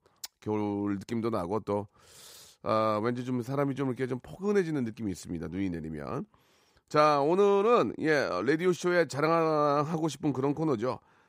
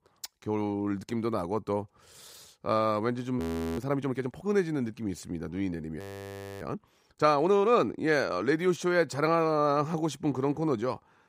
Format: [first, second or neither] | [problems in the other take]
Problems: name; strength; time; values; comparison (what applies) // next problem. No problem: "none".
first | audio freezing; at 3.5 s and at 6 s for 0.5 s